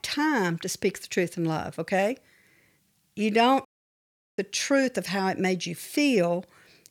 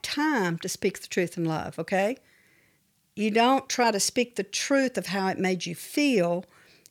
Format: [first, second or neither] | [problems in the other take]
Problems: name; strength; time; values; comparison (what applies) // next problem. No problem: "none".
second | audio cutting out; at 3.5 s for 0.5 s